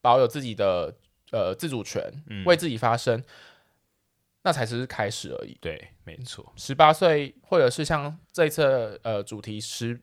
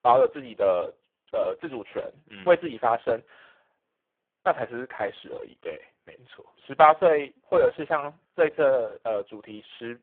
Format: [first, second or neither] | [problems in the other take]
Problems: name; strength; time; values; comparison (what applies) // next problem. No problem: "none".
first | phone-call audio; poor line